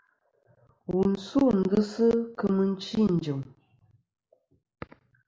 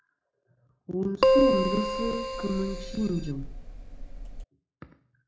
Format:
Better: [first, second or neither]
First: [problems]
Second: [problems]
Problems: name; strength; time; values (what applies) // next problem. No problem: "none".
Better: first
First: none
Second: background sound (Keyboard (musical)); 5 dB above the speech // room echo; dies away in 0.4 s